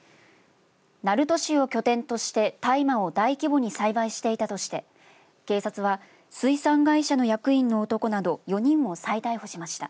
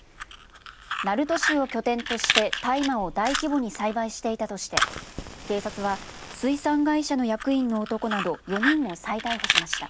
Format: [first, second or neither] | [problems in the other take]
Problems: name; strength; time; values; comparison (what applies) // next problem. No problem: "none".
first | background sound (Fire); 4 dB below the speech